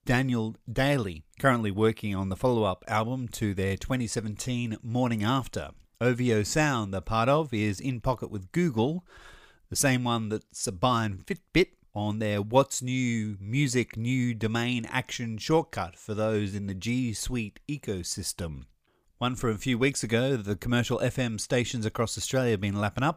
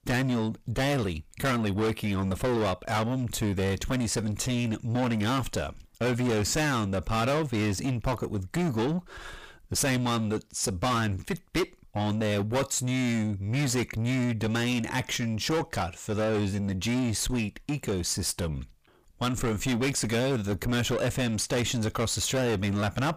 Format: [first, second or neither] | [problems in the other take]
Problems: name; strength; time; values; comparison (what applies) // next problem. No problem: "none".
first | distortion; heavy; 6 dB below the speech